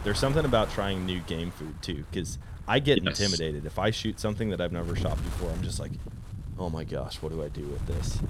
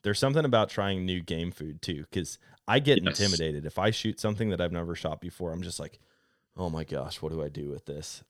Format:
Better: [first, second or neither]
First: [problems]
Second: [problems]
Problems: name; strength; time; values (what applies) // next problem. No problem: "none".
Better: second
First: wind noise on the microphone; occasional gusts; 15 dB below the speech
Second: none